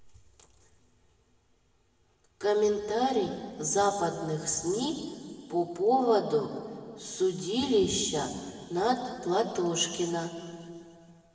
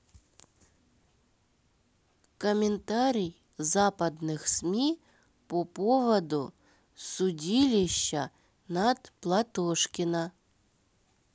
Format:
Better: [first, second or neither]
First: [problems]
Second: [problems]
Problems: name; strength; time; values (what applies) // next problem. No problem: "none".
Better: second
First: room echo; dies away in 2.3 s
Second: none